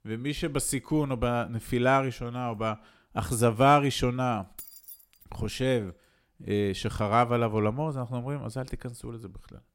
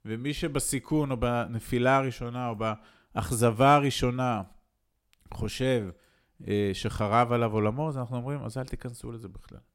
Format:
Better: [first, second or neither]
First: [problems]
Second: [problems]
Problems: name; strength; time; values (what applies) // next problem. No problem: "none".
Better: second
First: jangling keys; faint; at 4.5 s; peak 15 dB below the speech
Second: none